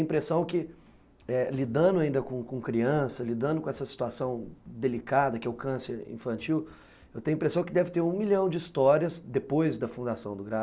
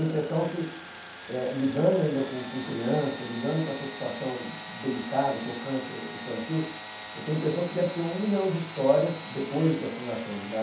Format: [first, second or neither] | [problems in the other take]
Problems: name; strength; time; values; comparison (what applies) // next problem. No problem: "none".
first | background sound (Sawing / Engine); 12 dB below the speech // room echo; dies away in 0.7 s